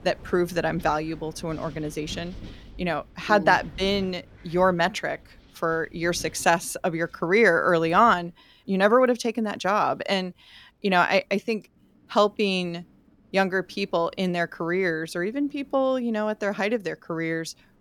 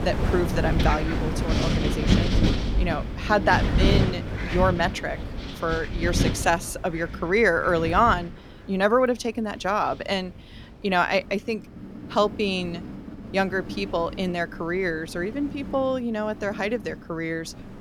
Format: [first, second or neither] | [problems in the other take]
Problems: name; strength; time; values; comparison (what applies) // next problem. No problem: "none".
first | wind in the background; loud; throughout; 2 dB below the speech; faint in the first